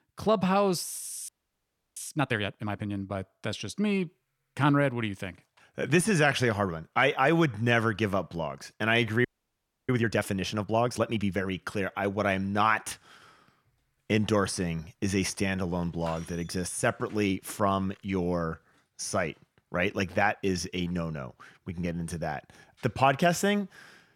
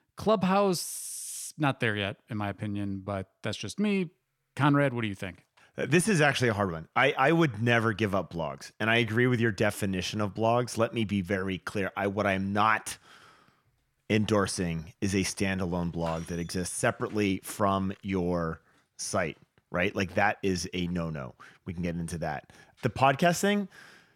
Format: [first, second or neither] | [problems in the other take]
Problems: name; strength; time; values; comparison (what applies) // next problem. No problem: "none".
second | audio freezing; at 1.5 s for 0.5 s and at 9.5 s for 0.5 s